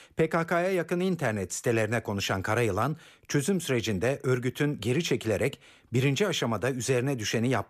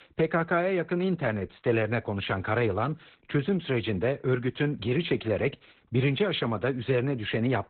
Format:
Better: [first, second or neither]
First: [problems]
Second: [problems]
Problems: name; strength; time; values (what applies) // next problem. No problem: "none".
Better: first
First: none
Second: garbled, watery; badly; nothing above 4 kHz